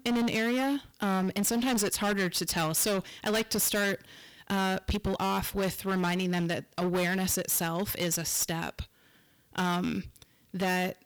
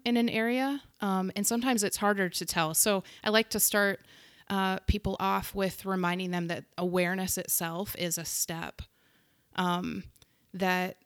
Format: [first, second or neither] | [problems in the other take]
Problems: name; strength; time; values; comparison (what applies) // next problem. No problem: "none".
second | distortion; heavy; 19% of the sound clipped